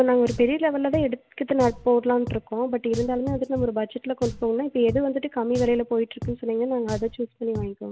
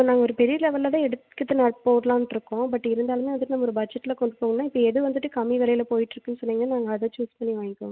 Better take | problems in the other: second | background sound (Drum); 13 dB below the speech

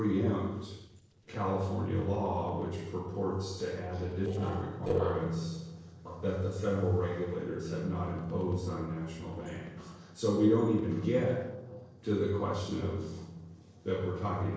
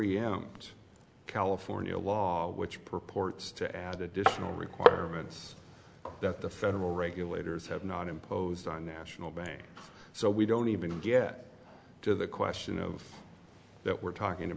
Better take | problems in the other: second | noise reduction (neural separator model SepFormer DNS4)

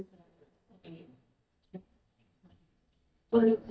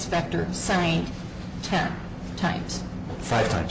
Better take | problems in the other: second | noise reduction (neural mask model DeepFilterNet 3)

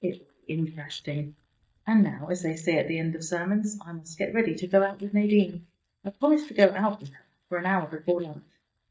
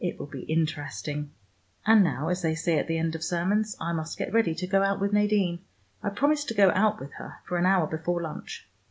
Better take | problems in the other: second | noise reduction (neural mask model DeepFilterNet 3)

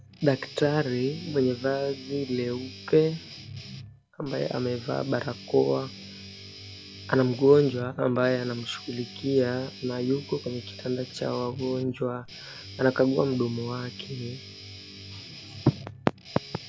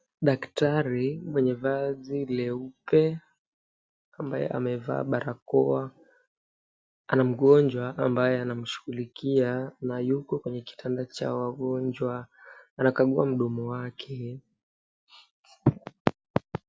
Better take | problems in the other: second | background sound (Guitar); 16 dB below the speech

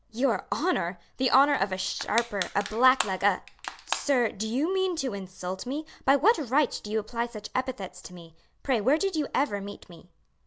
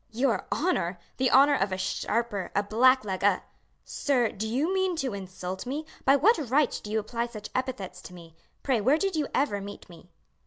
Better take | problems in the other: second | background sound (Crushing); 10 dB below the speech

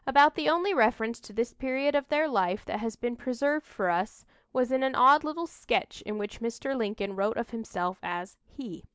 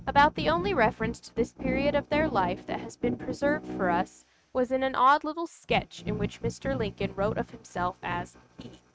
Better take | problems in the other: first | noise reduction (neural mask model RNNoise)

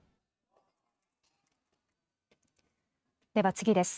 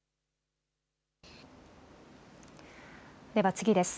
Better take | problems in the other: second | noise reduction (neural mask model RNNoise)

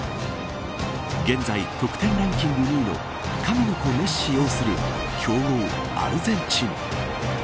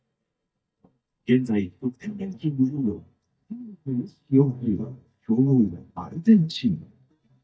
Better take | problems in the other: first | noise reduction (neural mask model DeepFilterNet 3)

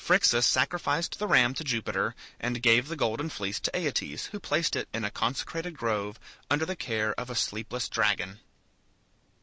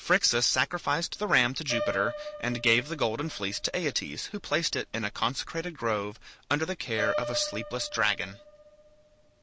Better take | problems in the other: first | background sound (Piano); 11 dB below the speech

